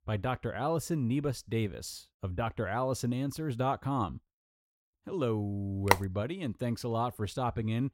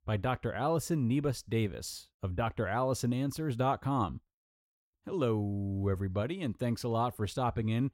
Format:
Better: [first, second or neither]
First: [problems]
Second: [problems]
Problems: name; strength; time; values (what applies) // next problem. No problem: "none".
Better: second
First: phone ringing; very faint; at 6 s; peak 4 dB above the speech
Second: none